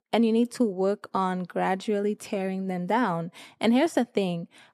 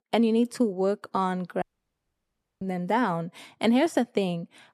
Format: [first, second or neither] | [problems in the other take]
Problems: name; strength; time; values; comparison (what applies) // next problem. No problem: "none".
first | audio cutting out; at 1.5 s for 1 s